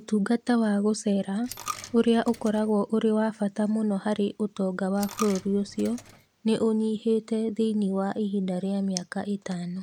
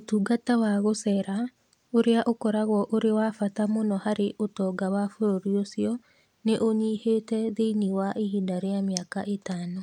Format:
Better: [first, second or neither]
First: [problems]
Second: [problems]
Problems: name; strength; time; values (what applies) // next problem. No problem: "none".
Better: second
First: background sound (Coin (dropping)); 18 dB below the speech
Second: none